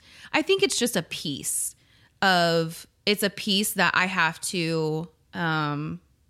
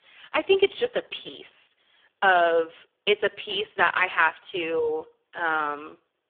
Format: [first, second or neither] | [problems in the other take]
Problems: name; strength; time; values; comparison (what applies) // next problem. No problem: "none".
first | phone-call audio; poor line